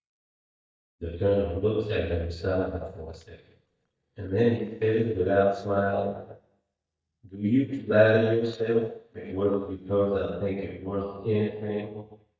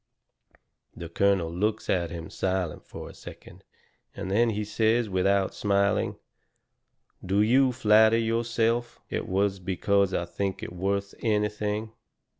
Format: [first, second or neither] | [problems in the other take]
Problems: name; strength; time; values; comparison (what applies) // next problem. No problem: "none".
second | noise reduction (neural mask model DeepFilterNet 3)